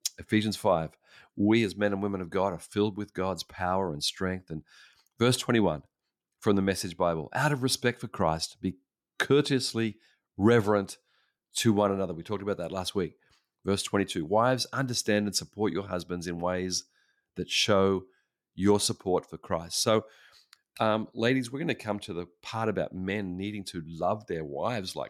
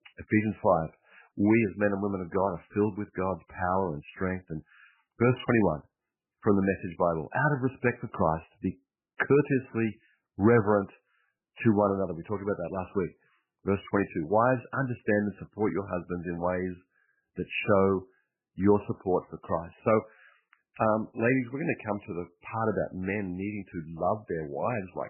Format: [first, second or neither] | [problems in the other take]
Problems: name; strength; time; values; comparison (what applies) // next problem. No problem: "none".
first | garbled, watery; badly; nothing above 3 kHz